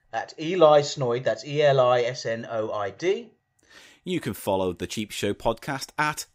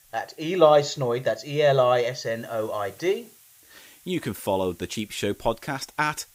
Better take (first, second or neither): first